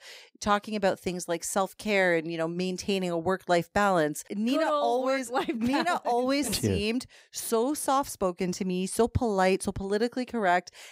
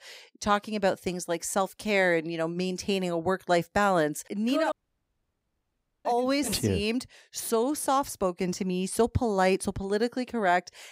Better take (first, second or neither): first